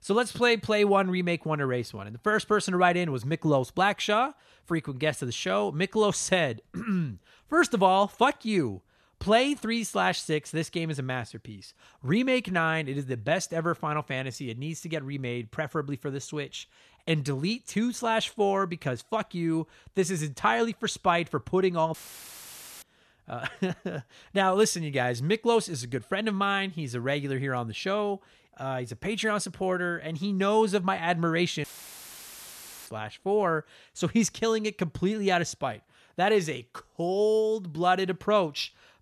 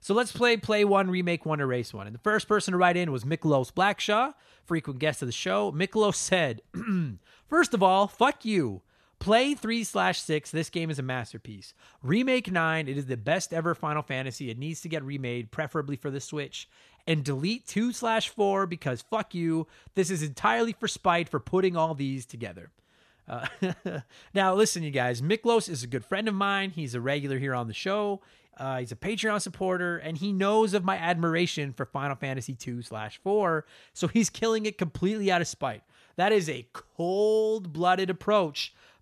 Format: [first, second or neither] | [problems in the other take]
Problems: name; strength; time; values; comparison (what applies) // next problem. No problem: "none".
second | audio cutting out; filled with static; at 22 s for 1 s and at 32 s for 1 s